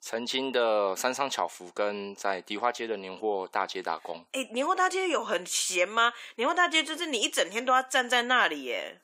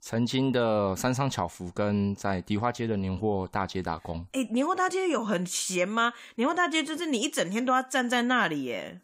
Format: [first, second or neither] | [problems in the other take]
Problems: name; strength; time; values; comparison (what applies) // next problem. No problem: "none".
second | thin; somewhat; fading below 400 Hz